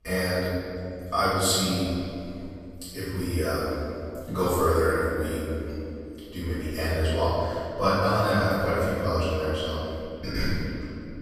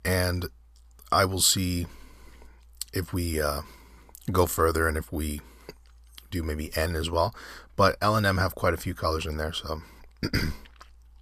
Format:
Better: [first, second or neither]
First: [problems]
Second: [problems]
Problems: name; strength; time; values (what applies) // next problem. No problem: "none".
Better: second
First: off-mic speech; far // room echo; strong; dies away in 2.7 s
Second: none